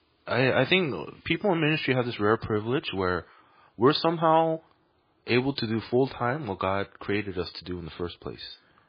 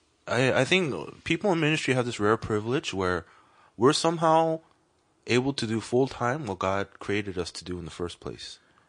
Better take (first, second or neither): second